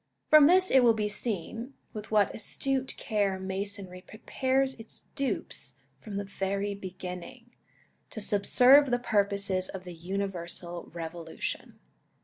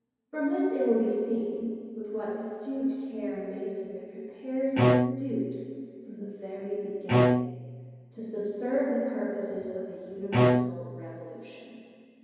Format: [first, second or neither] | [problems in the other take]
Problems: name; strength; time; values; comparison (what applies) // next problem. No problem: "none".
first | background sound (Bowed string instrument); 4 dB above the speech // room echo; dies away in 2.2 s